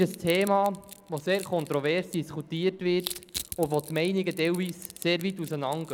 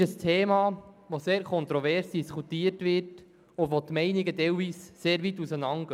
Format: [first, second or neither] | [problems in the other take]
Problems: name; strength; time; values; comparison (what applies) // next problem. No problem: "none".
second | background sound (Crushing); 16 dB below the speech